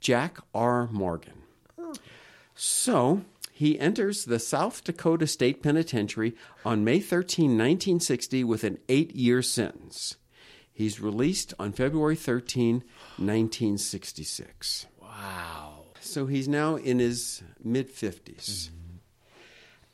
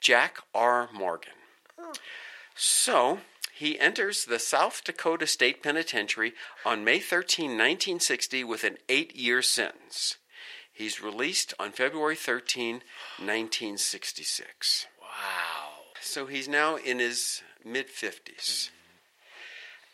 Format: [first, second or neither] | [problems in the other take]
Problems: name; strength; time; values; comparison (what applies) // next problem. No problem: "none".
first | thin; very; fading below 650 Hz